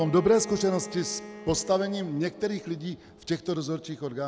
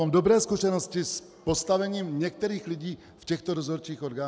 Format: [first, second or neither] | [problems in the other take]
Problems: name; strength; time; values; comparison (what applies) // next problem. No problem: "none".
second | background sound (Bowed string instrument); 16 dB below the speech